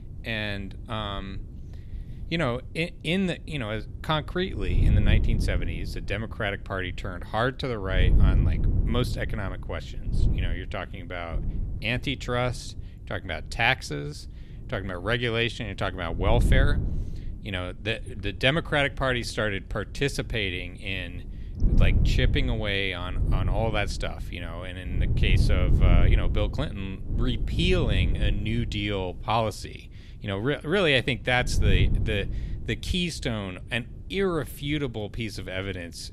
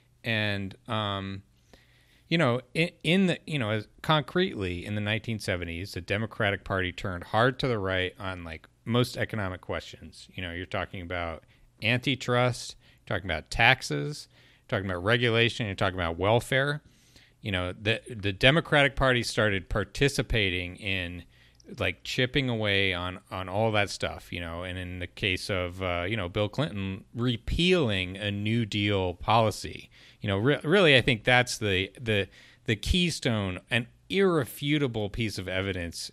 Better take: second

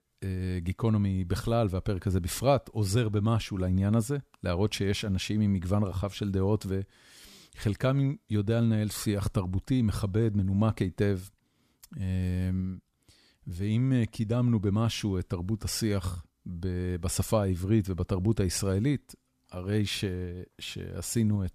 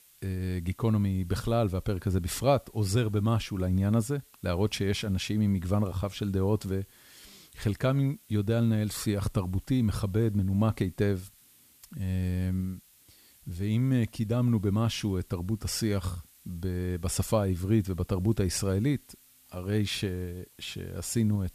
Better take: first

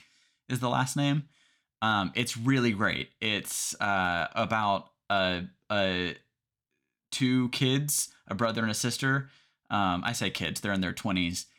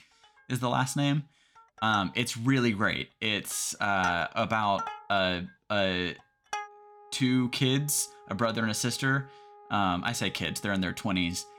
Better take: first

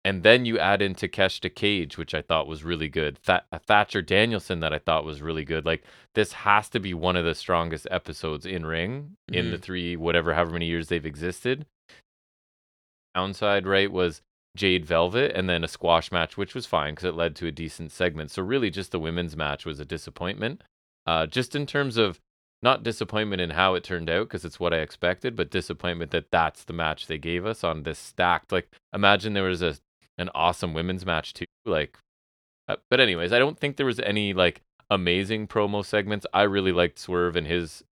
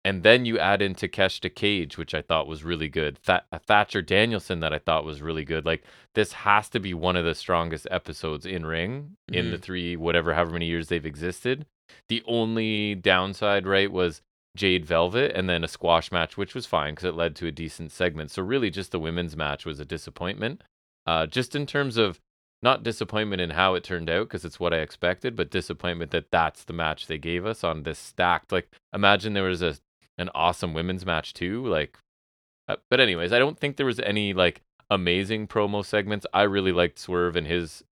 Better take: second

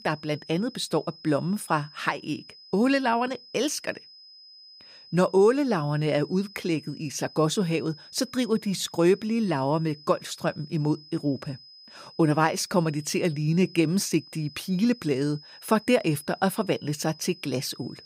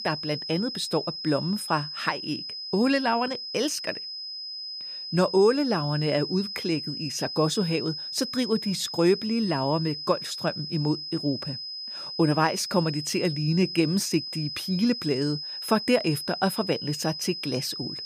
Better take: first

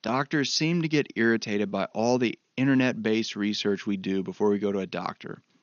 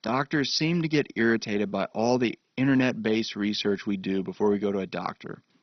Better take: first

